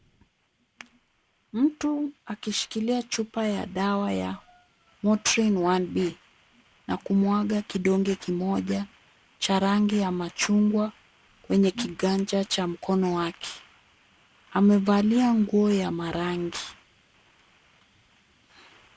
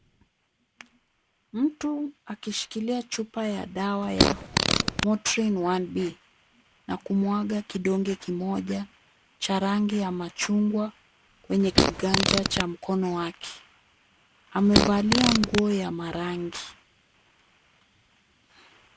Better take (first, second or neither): first